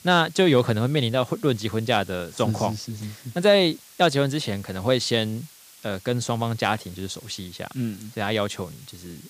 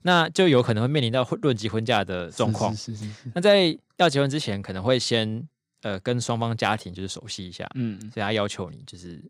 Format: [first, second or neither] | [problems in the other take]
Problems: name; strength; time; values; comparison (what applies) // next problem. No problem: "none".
second | hiss; faint; throughout; 20 dB below the speech